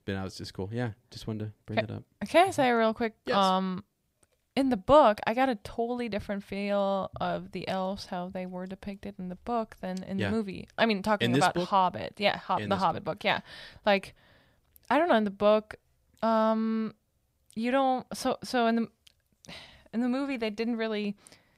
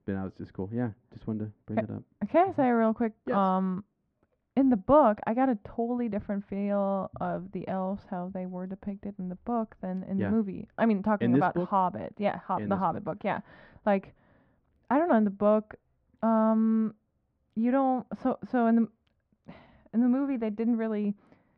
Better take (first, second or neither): first